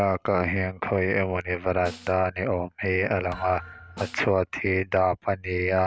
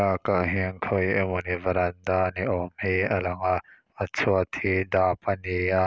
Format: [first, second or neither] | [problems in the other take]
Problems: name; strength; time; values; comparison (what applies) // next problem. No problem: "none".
second | background sound (Snare drum + Thump, thud); 19 dB below the speech